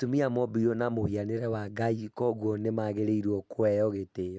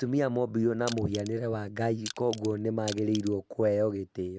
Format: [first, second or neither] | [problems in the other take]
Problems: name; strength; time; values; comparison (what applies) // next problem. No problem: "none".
first | background sound (Crushing); 15 dB below the speech